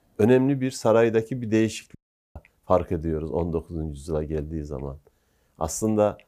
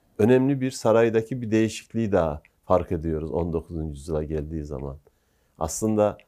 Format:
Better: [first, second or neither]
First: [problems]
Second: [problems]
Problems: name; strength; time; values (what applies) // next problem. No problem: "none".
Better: second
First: audio cutting out; at 2 s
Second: none